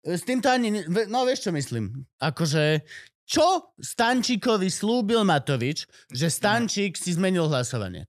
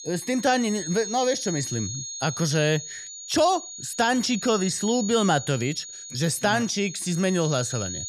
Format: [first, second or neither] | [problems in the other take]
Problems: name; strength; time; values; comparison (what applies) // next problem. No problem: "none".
first | high-pitched whine; loud; throughout; 6.5 kHz, 9 dB below the speech